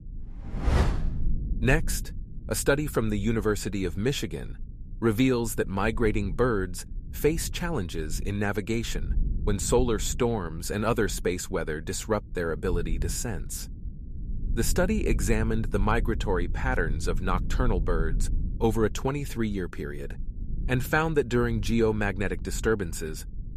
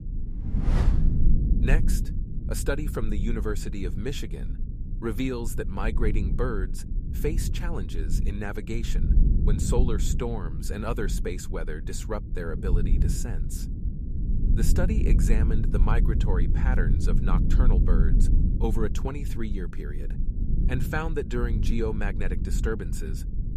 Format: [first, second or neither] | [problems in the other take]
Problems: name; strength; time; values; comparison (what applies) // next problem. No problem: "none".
first | low rumble; loud; throughout; 7 dB below the speech; faint in the first